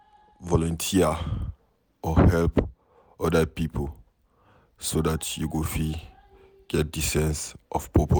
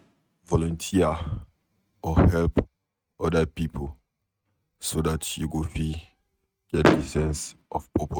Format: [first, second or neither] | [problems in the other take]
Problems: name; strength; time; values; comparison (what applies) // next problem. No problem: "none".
first | noise reduction (neural mask model RNNoise)